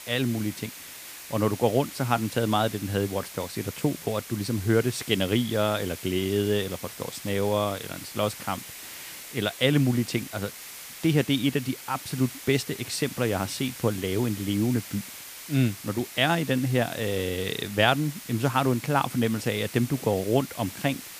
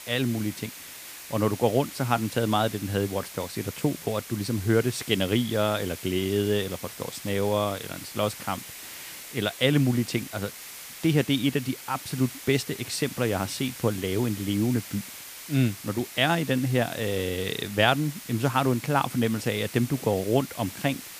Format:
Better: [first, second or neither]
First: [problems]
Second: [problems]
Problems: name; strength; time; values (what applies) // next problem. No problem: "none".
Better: neither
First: hiss; noticeable; throughout; 10 dB below the speech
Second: hiss; noticeable; throughout; 10 dB below the speech